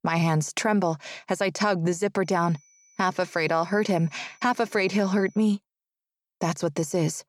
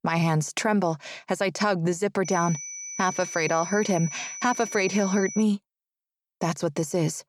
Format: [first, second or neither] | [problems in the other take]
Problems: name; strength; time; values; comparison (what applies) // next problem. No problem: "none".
first | high-pitched whine; loud; from 2.5 to 5.5 s; 6 kHz, 9 dB below the speech; faint in the first